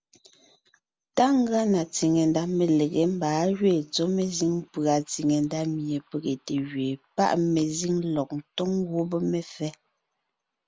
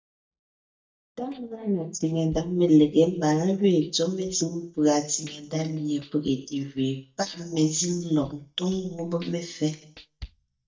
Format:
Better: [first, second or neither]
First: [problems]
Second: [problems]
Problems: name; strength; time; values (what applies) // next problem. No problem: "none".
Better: first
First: none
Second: noise reduction (neural mask model DeepFilterNet 3)